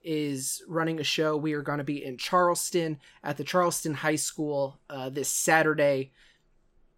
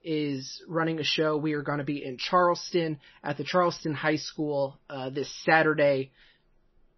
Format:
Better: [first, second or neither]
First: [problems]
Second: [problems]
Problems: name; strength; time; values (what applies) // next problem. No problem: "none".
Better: first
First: none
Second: garbled, watery; slightly; nothing above 6 kHz